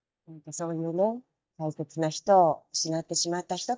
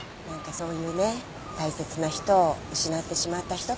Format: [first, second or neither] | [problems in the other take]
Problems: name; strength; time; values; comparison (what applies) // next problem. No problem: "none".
second | noise reduction (neural mask model DeepFilterNet 3)